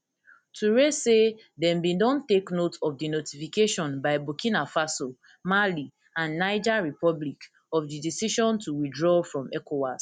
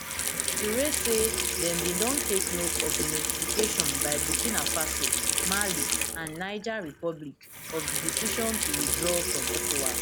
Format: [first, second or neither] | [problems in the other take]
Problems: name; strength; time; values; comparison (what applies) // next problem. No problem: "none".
first | background sound (Sink (filling or washing) / Water tap, faucet); 5 dB above the speech